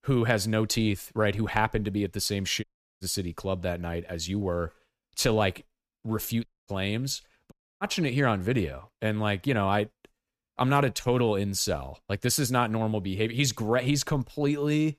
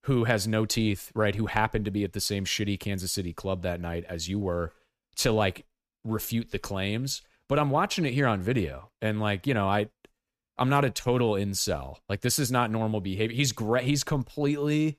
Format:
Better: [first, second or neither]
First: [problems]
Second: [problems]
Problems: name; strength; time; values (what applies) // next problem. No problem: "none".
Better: second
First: audio cutting out; at 2.5 s, at 6.5 s and at 7.5 s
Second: none